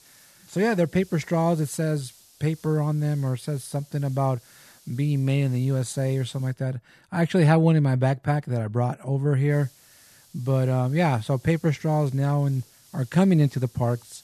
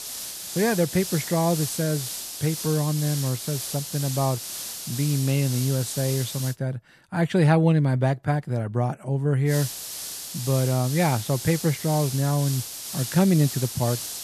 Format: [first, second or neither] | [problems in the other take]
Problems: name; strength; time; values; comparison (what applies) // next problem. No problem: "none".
first | hiss; loud; until 6.5 s and from 9.5 s on; 7 dB below the speech; faint in the first